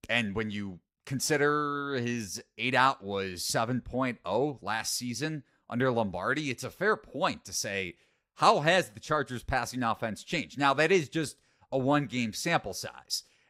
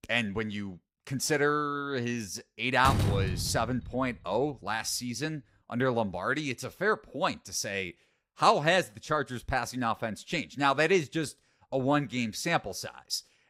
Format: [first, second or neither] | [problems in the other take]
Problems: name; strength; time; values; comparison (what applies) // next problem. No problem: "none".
first | door banging; loud; from 3 to 4 s; peak 2 dB above the speech